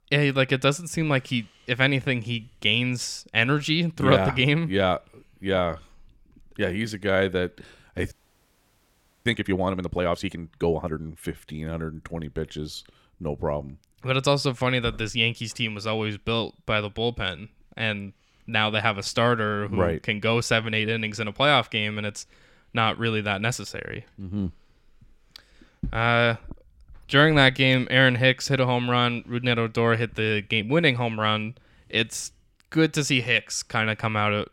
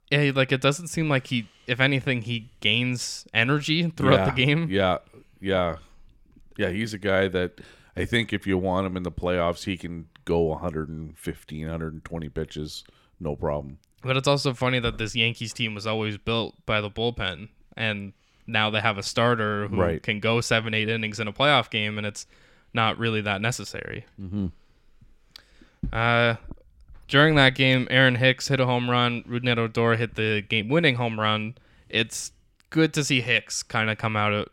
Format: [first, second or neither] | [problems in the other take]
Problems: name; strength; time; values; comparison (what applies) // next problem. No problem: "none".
second | audio freezing; at 8 s for 1 s